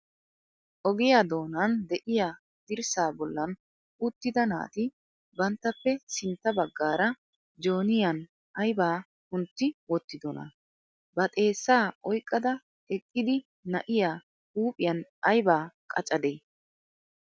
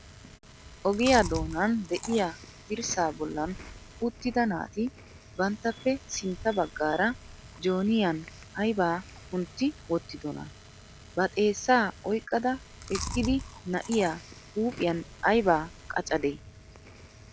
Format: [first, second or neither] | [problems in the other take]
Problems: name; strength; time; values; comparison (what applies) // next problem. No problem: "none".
first | background sound (Chewing, mastication); 14 dB below the speech